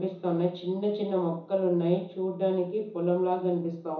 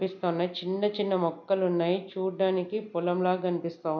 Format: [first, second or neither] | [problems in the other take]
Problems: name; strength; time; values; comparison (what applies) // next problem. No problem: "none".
second | room echo; dies away in 0.7 s